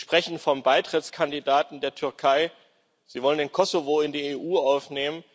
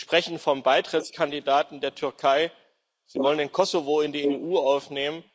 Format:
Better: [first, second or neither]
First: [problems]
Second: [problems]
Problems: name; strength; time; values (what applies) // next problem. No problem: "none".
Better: first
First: none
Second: noise reduction (neural mask model Resemble Enhance denoiser)